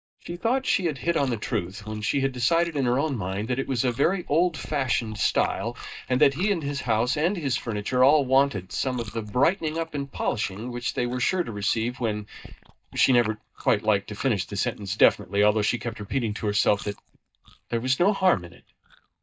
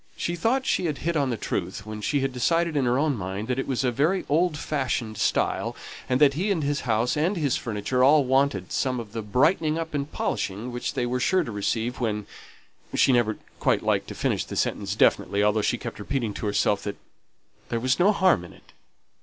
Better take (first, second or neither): second